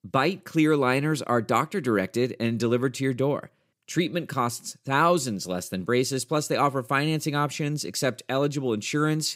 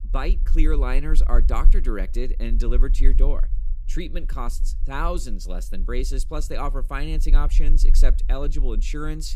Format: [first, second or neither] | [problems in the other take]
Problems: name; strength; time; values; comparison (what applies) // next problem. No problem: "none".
first | low rumble; noticeable; throughout; 20 dB below the speech